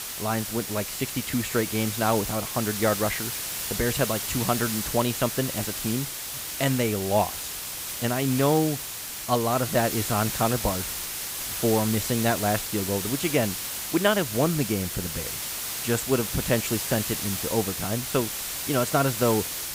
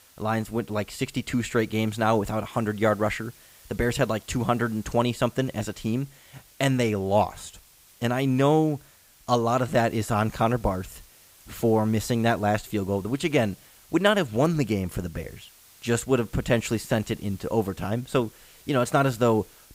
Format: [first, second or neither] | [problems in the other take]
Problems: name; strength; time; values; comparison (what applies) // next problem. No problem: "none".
second | hiss; loud; throughout; 3 dB below the speech; faint in the second